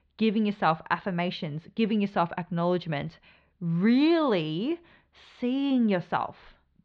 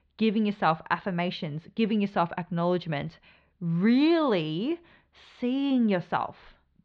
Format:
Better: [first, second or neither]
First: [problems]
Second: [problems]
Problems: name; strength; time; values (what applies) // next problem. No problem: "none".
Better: neither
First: muffled; very slightly; fading above 4 kHz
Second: muffled; very slightly; fading above 4 kHz